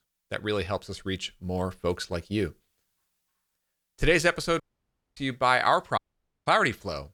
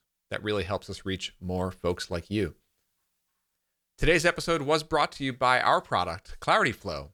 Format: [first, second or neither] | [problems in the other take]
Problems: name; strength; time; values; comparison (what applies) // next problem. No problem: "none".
second | audio cutting out; at 4.5 s for 0.5 s and at 6 s